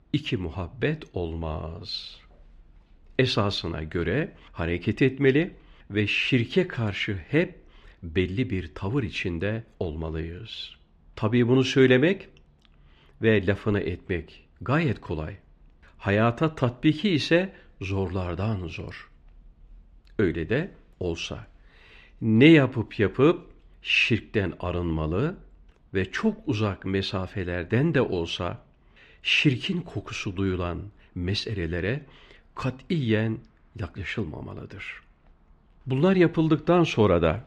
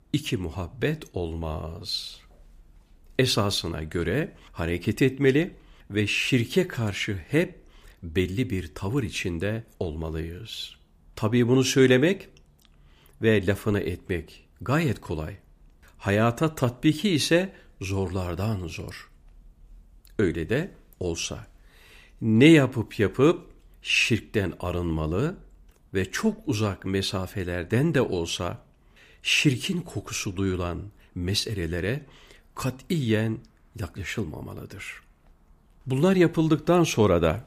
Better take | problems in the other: second | muffled; very slightly; fading above 3 kHz

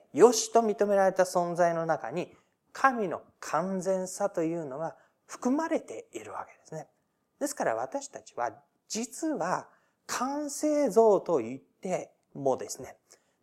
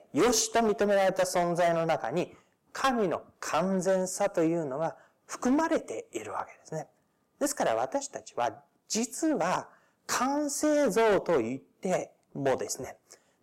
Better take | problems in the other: first | distortion; heavy; 7% of the sound clipped

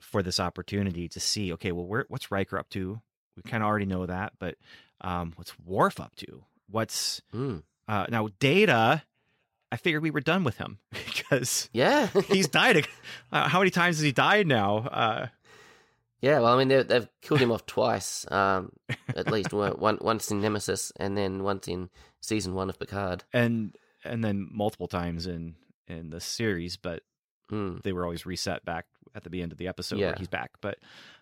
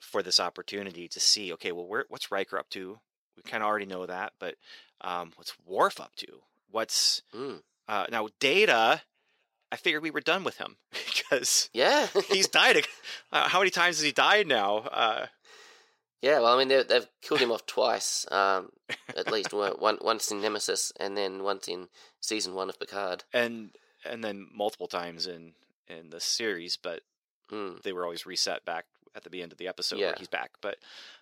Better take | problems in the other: first | thin; somewhat; fading below 450 Hz

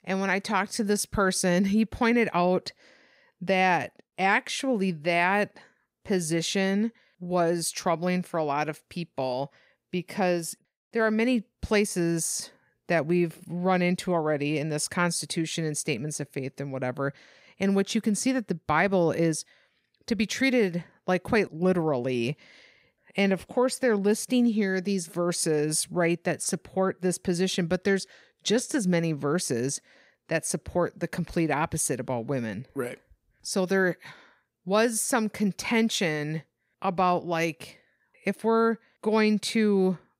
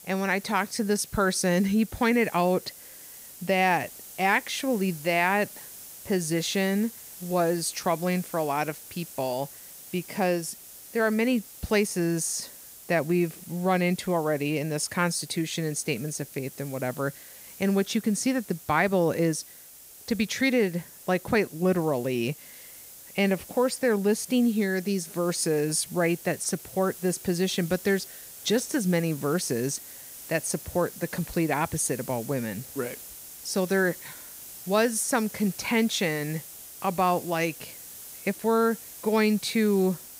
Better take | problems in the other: first | hiss; noticeable; throughout; 15 dB below the speech

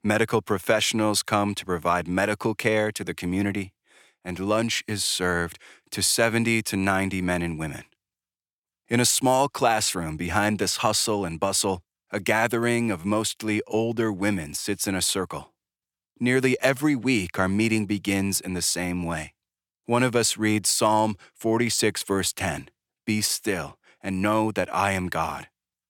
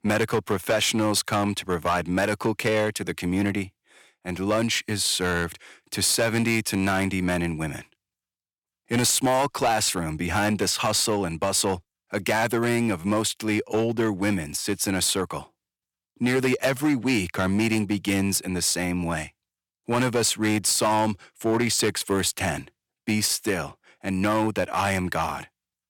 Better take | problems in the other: first | distortion; slight; 6% of the sound clipped

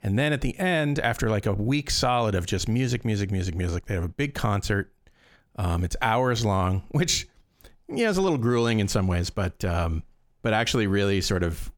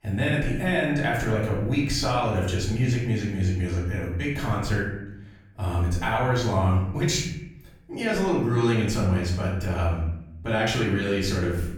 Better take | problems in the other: first | off-mic speech; far // room echo; noticeable; dies away in 0.7 s

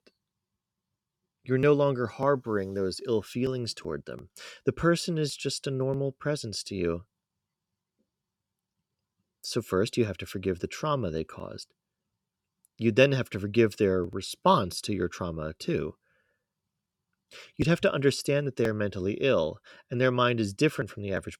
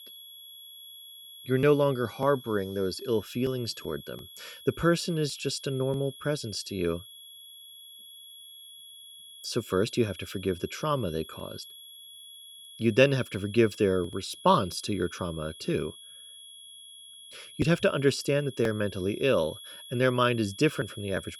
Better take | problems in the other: first | high-pitched whine; noticeable; throughout; 3.5 kHz, 15 dB below the speech

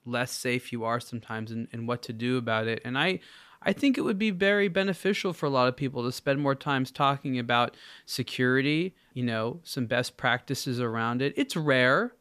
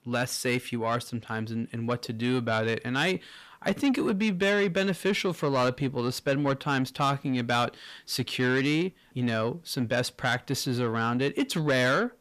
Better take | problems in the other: first | distortion; slight; 10 dB below the speech

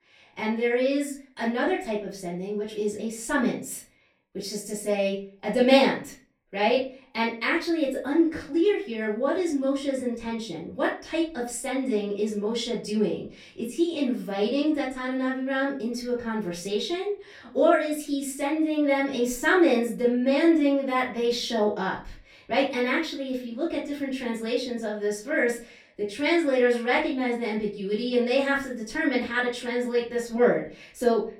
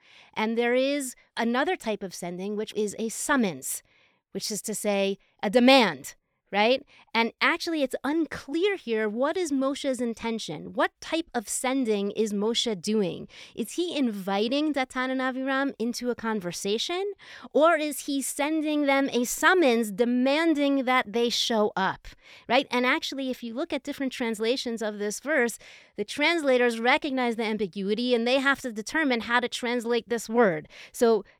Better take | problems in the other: second | off-mic speech; far // room echo; slight; dies away in 0.3 s

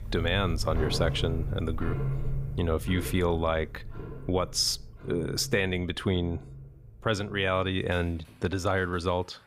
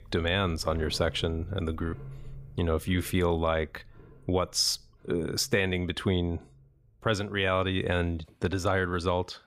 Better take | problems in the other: second | household noises; loud; throughout; 8 dB below the speech; faint in the second

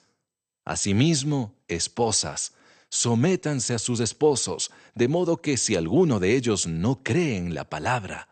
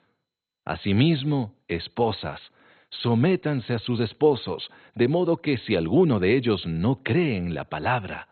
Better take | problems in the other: first | garbled, watery; badly; nothing above 4 kHz; slightly in the first

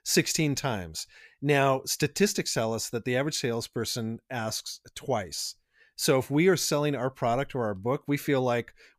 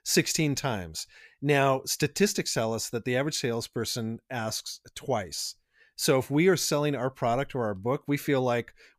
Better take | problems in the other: neither | none

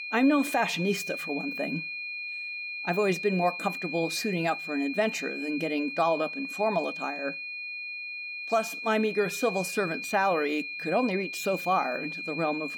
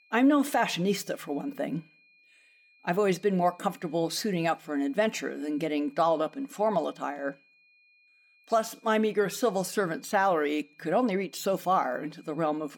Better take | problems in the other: second | high-pitched whine; loud; throughout; 2.5 kHz, 5 dB below the speech; faint in the second

